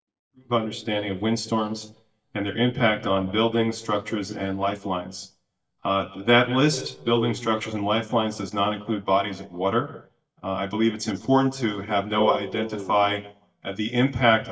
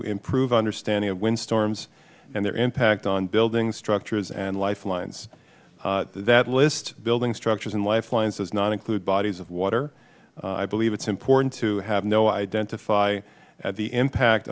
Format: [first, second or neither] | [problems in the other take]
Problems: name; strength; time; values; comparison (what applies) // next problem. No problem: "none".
second | noise reduction (neural mask model DeepFilterNet 3)